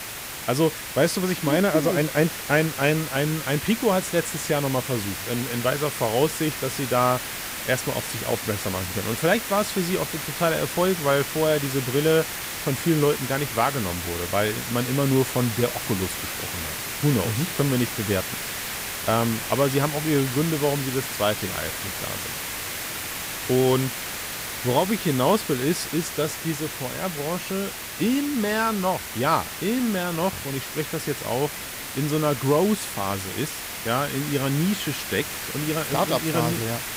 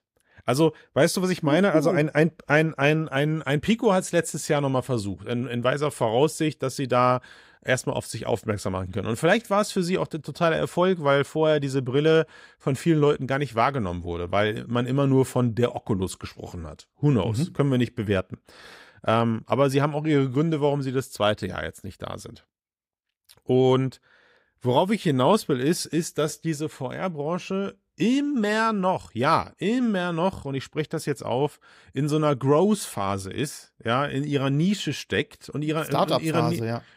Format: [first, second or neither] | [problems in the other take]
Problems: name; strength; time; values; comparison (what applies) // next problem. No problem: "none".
second | hiss; loud; throughout; 5 dB below the speech